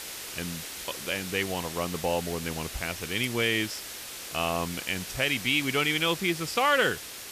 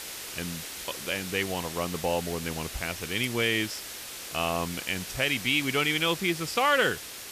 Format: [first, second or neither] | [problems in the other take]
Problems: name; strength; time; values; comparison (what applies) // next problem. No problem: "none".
neither | hiss; loud; throughout; 9 dB below the speech; the same in both